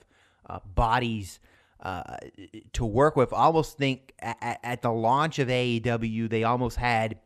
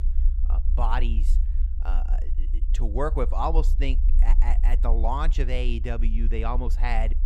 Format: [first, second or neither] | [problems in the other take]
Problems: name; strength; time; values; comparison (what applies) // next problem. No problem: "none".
first | low rumble; noticeable; throughout; 15 dB below the speech